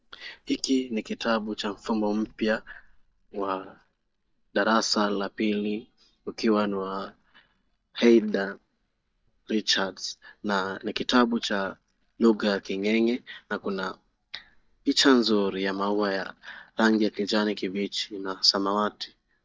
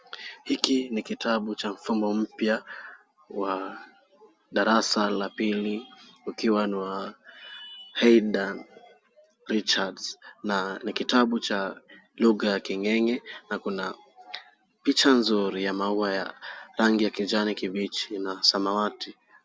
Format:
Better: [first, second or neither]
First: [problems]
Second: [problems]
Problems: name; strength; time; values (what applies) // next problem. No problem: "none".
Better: second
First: noise reduction (neural mask model DeepFilterNet 3)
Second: none